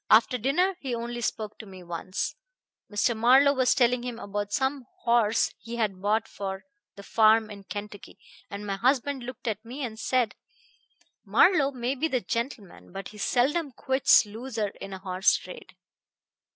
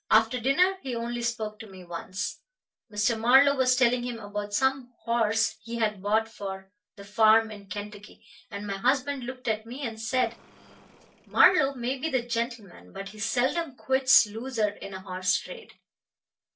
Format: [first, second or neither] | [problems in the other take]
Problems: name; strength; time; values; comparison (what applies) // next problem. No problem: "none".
first | noise reduction (neural separator model SepFormer DNS4)